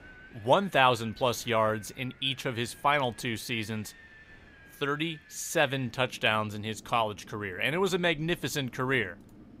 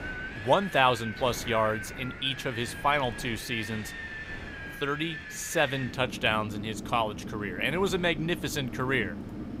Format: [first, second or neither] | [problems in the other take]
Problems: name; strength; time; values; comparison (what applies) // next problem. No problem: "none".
first | wind in the background; loud; throughout; 10 dB below the speech; faint in the first